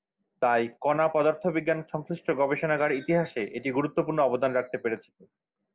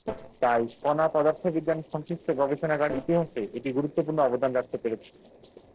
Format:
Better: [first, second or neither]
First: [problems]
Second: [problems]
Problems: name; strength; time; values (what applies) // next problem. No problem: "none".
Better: first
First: none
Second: noise reduction (neural separator model SepFormer DNS4)